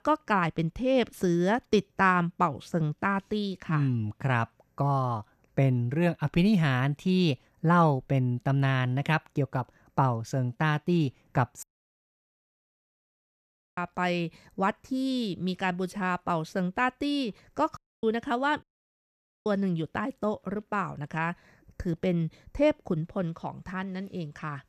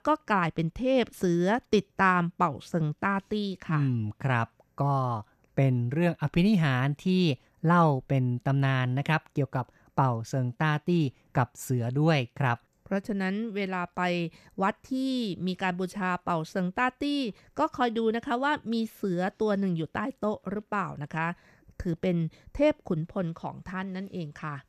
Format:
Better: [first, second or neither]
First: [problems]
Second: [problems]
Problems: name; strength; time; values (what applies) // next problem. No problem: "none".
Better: second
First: audio cutting out; at 12 s for 2 s, at 18 s and at 19 s for 1 s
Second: none